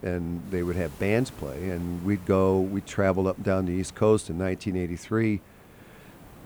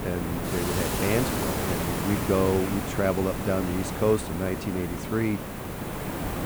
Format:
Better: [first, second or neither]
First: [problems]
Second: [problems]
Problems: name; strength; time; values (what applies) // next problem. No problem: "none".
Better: first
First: hiss; faint; throughout; 20 dB below the speech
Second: hiss; loud; throughout; 2 dB below the speech